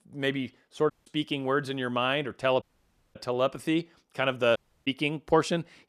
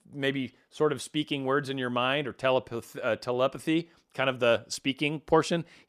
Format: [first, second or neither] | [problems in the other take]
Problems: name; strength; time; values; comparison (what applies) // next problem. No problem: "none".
second | audio cutting out; at 1 s, at 2.5 s for 0.5 s and at 4.5 s